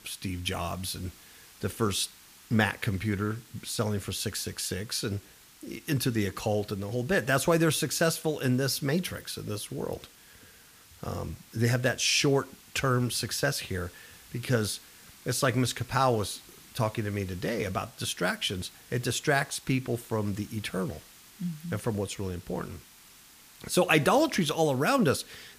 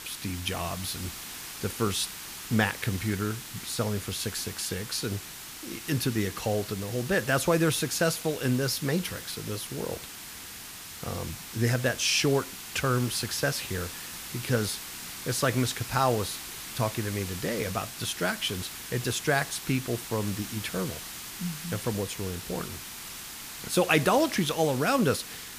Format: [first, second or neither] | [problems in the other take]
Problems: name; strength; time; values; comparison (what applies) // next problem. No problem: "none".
first | hiss; loud; throughout; 9 dB below the speech; faint in the first